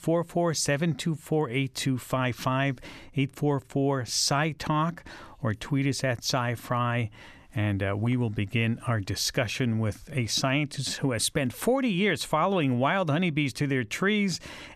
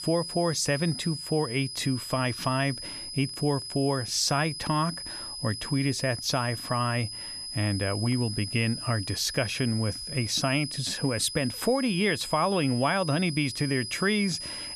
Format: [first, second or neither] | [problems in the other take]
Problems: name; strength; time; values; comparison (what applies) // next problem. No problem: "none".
first | high-pitched whine; loud; throughout; 5 kHz, 7 dB below the speech